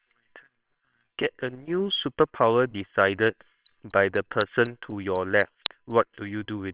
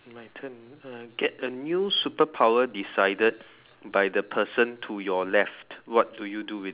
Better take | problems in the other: second | noise reduction (neural separator model SepFormer WHAMR!)

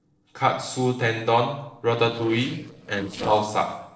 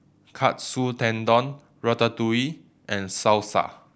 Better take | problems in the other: second | noise reduction (neural separator model SepFormer DNS4)

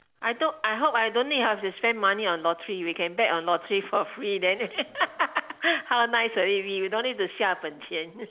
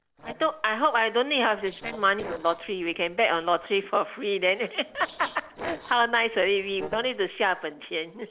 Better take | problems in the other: first | noise reduction (neural separator model SepFormer DNS4)

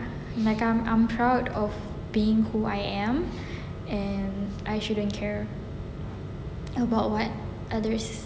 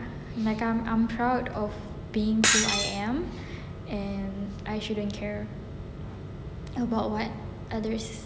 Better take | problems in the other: first | background sound (Shatter); as loud as the speech

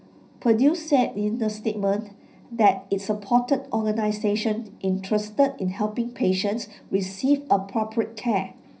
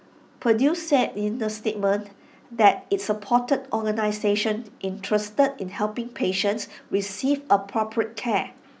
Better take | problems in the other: second | room echo; dies away in 0.4 s

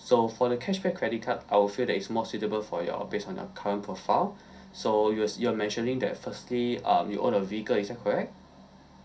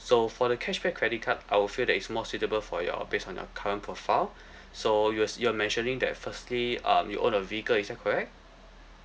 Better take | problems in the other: second | room echo; dies away in 0.3 s

